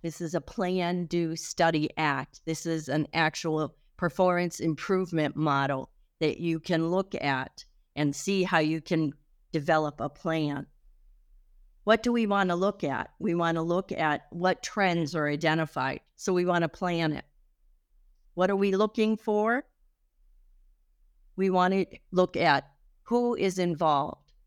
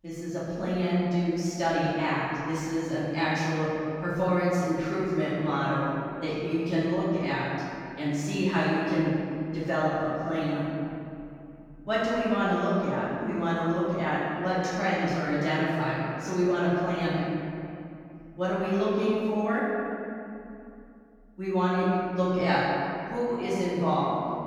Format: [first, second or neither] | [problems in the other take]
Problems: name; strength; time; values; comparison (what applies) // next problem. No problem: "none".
first | off-mic speech; far // room echo; strong; dies away in 2.6 s